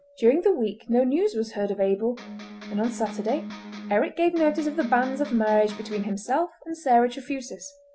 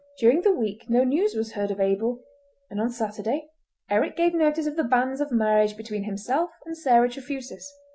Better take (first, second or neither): second